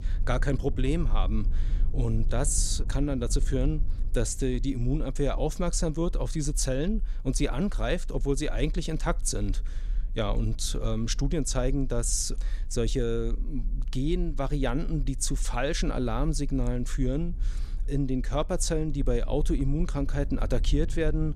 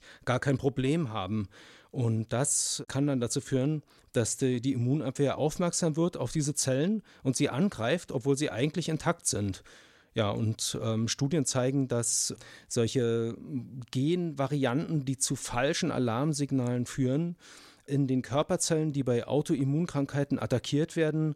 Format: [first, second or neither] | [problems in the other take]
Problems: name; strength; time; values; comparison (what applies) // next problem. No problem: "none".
second | low rumble; faint; throughout; 25 dB below the speech